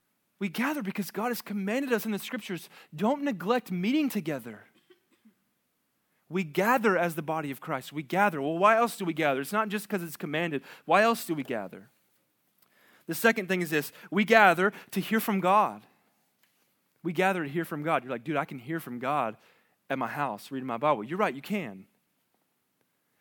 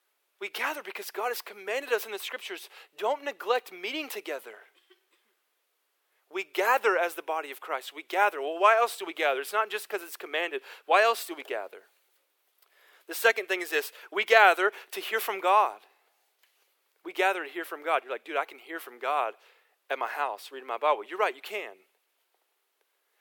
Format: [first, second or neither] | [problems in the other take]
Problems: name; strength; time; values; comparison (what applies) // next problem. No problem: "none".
first | thin; very; fading below 400 Hz